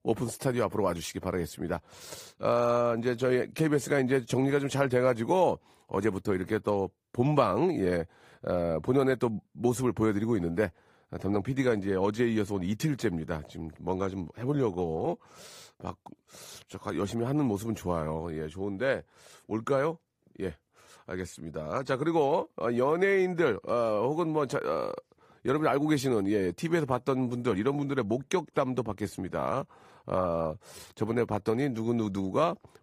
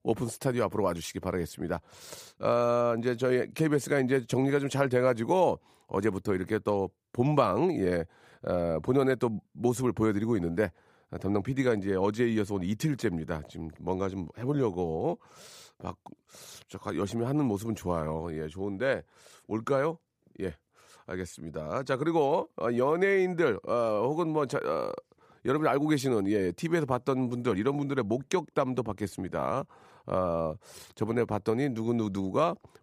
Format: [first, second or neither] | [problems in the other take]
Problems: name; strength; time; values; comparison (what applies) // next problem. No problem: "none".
second | garbled, watery; slightly; nothing above 15 kHz